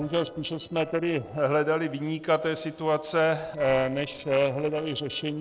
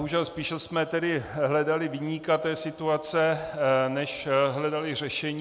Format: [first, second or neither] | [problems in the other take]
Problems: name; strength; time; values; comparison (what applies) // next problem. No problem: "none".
second | noise reduction (neural separator model SepFormer DNS4)